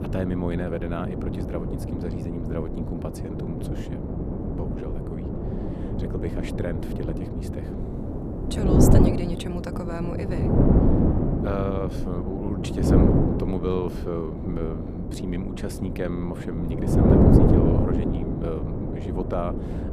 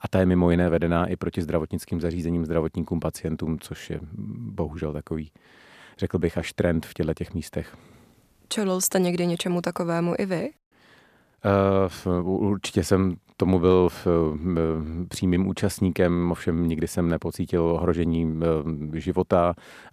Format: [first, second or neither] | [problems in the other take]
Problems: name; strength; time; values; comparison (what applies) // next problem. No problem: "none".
second | wind noise on the microphone; heavy; 4 dB above the speech